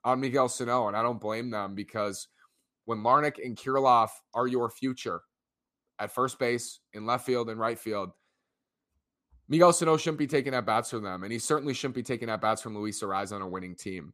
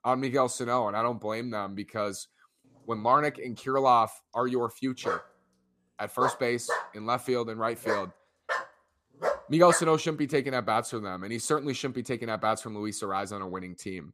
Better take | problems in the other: first | dog barking; noticeable; from 5 to 10 s; peak 3 dB below the speech

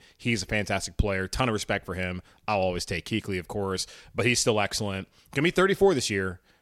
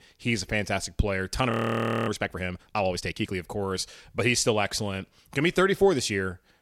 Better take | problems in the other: first | audio freezing; at 1.5 s for 0.5 s

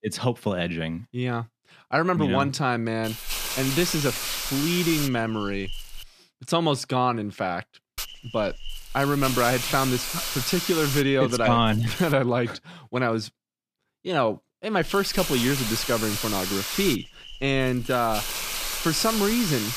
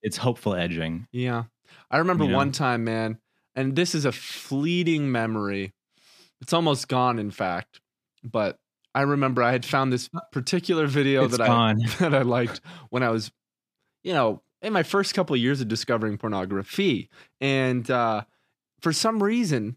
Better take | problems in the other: second | hiss; loud; from 3 to 6 s, from 8 to 12 s and from 15 s on; 4 dB below the speech

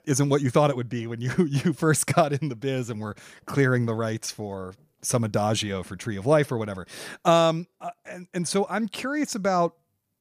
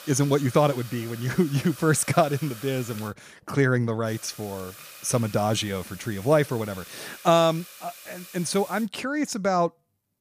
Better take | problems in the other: first | hiss; noticeable; until 3 s and from 4 to 9 s; 15 dB below the speech

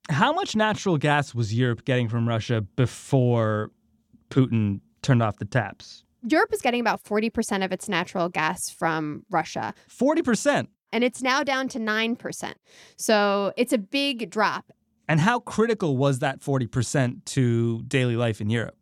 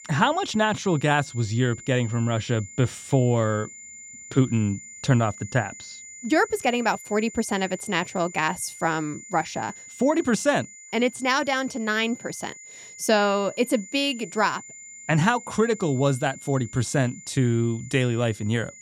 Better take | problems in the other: first | high-pitched whine; noticeable; throughout; 7 kHz, 15 dB below the speech

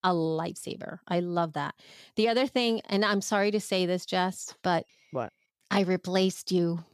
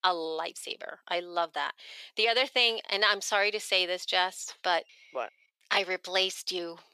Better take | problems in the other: first | thin; very; fading below 450 Hz

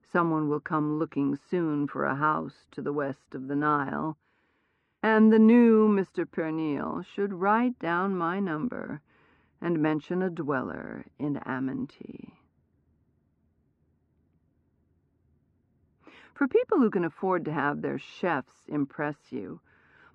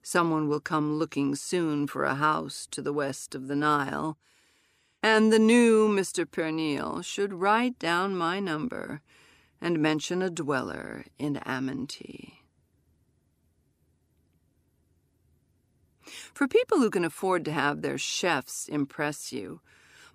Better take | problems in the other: second | muffled; very; fading above 1.5 kHz

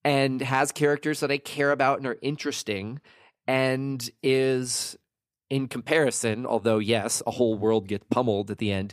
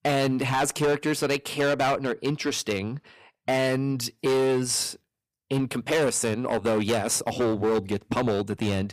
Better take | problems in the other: first | distortion; heavy; 13% of the sound clipped

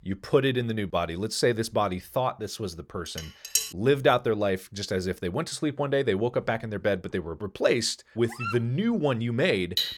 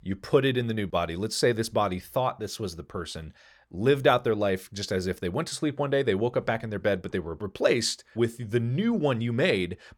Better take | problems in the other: second | clattering dishes; loud; at 3 s; peak level with the speech // dog barking; noticeable; at 8.5 s; peak 7 dB below the speech // clattering dishes; noticeable; at 9.5 s; peak 1 dB below the speech

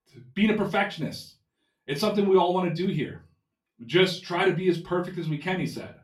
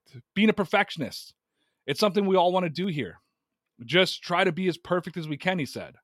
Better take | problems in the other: second | off-mic speech; far // room echo; very slight; dies away in 0.2 s

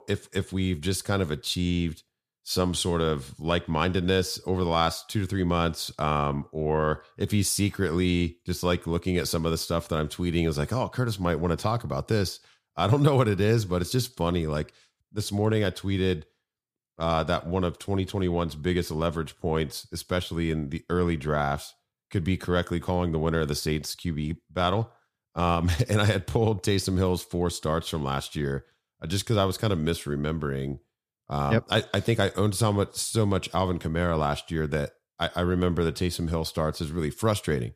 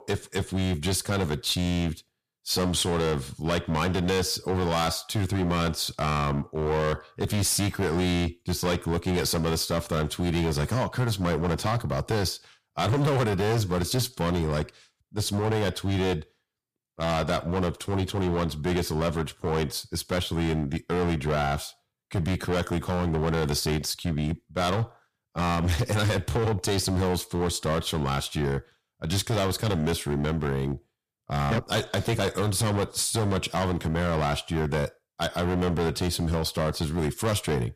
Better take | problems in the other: first | distortion; heavy; 16% of the sound clipped

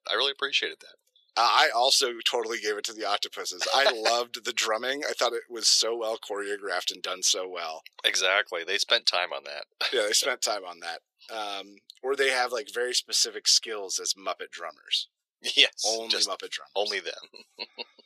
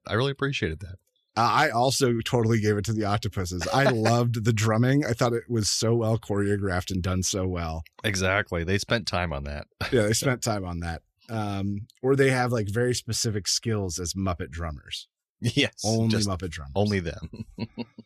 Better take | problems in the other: second | thin; very; fading below 450 Hz

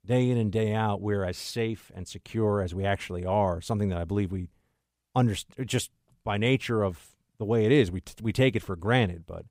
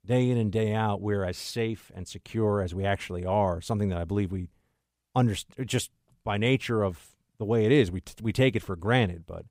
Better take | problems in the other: neither | none

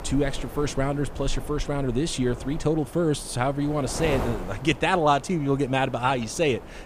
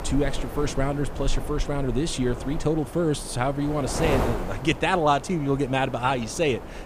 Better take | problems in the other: first | wind noise on the microphone; heavy; 9 dB below the speech; occasional gusts in the first

